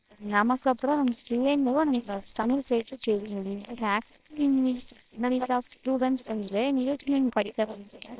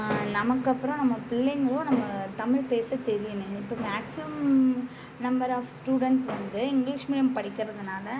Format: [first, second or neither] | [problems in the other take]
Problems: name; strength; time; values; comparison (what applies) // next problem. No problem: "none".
second | noise reduction (neural separator model SepFormer WHAMR!)